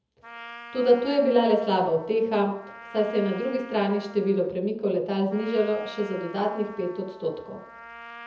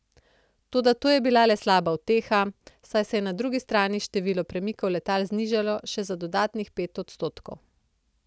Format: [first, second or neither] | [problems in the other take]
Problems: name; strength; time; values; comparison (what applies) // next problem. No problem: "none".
second | background sound (Trumpet); 18 dB below the speech // room echo; dies away in 0.7 s